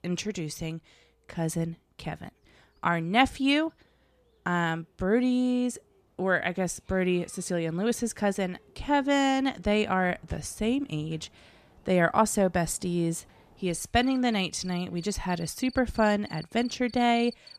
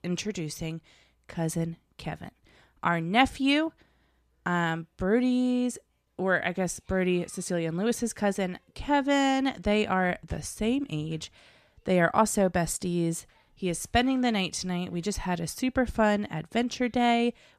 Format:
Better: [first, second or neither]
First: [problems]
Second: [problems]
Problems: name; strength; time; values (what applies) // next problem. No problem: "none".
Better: second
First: animal sounds; faint; throughout; 25 dB below the speech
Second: none